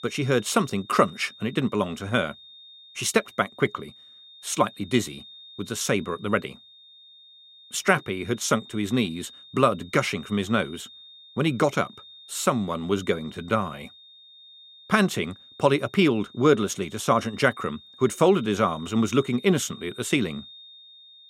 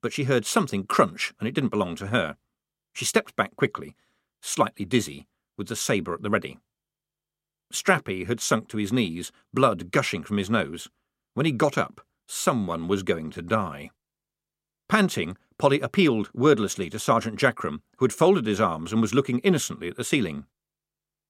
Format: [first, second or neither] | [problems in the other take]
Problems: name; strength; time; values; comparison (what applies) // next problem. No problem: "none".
second | high-pitched whine; faint; throughout; 3.5 kHz, 20 dB below the speech